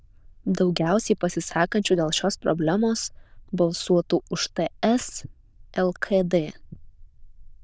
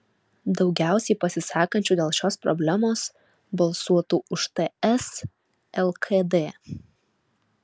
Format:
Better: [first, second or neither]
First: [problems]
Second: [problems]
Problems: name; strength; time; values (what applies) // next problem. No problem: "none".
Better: second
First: noise reduction (neural diffusion model UNIVERSE++)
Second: none